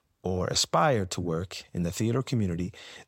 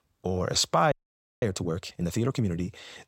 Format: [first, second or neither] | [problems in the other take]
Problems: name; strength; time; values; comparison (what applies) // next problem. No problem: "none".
first | audio freezing; at 1 s